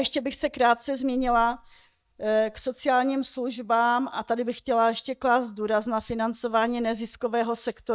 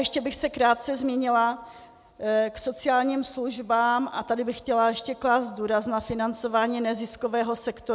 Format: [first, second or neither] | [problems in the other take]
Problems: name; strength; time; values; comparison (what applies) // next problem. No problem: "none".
second | noise reduction (neural mask model DeepFilterNet 3)